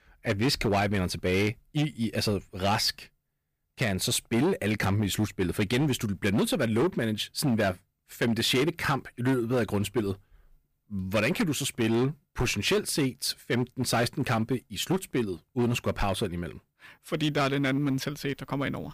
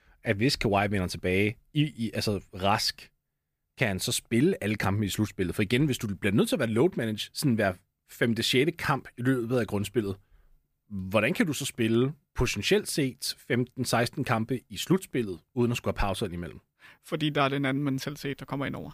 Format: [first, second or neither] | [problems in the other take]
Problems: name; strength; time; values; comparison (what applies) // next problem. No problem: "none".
second | distortion; slight; 8% of the sound clipped